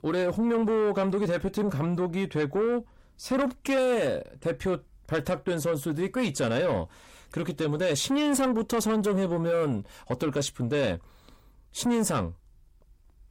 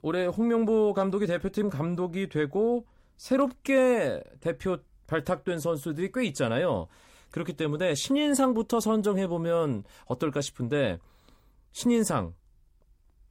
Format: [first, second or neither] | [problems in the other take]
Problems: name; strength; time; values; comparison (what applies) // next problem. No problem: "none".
second | distortion; slight; 10 dB below the speech